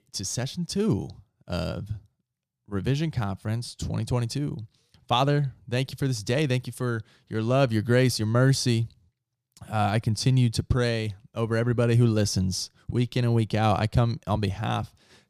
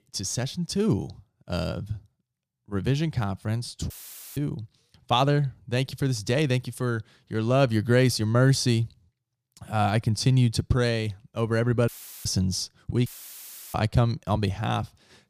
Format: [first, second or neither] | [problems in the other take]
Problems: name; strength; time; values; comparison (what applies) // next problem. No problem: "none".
first | audio cutting out; filled with static; at 4 s, at 12 s and at 13 s for 0.5 s